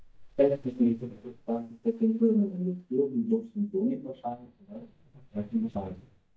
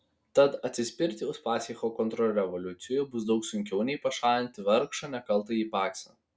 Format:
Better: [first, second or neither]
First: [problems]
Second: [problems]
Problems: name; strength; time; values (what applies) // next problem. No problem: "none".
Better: second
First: noise reduction (neural mask model DeepFilterNet 3)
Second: none